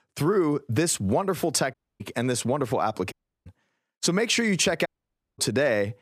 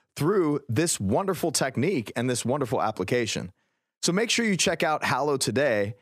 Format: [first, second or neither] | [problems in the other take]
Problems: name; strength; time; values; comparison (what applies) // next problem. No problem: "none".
second | audio cutting out; at 1.5 s, at 3 s and at 5 s for 0.5 s